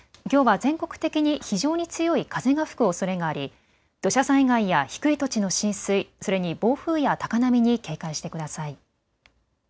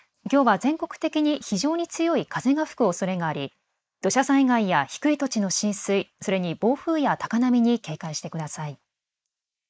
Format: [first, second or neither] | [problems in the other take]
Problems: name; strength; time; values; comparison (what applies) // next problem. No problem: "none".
first | noise reduction (neural mask model Resemble Enhance denoiser)